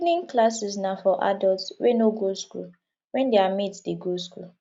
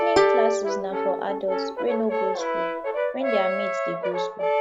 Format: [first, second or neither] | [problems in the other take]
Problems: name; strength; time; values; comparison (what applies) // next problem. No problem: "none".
first | background sound (Plucked string instrument + Brass instrument); 5 dB above the speech